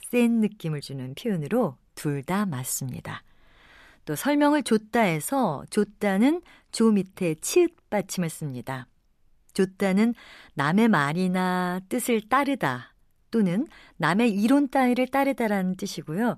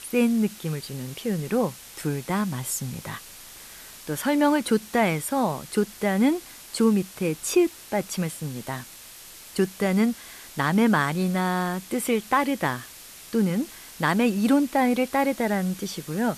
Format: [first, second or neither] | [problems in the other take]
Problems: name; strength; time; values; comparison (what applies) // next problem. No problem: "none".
first | hiss; noticeable; throughout; 15 dB below the speech